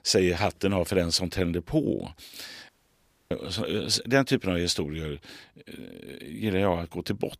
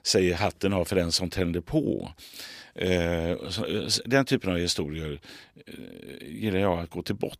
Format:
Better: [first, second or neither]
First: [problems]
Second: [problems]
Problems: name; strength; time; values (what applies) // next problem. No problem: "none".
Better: second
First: audio cutting out; at 2.5 s for 0.5 s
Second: none